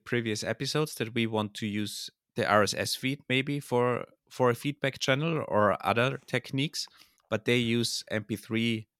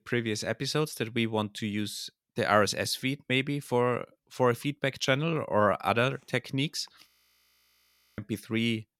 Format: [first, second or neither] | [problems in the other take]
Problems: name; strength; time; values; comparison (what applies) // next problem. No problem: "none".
first | audio freezing; at 7 s for 1 s